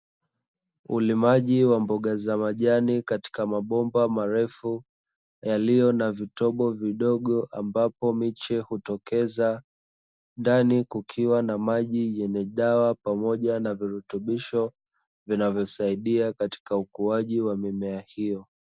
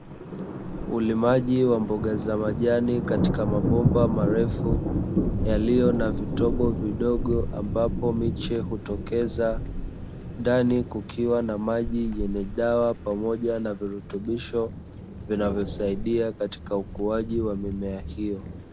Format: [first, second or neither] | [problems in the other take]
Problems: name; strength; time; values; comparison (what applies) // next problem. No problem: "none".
first | background sound (Thunder); 3 dB below the speech